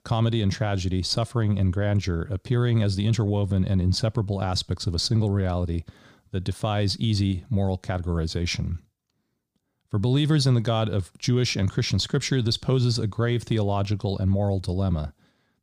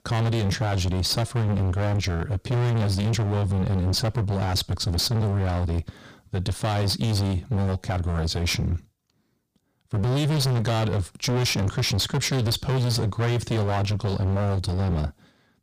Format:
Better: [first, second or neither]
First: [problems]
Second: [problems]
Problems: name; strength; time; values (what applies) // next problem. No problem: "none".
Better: first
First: none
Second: distortion; heavy; 32% of the sound clipped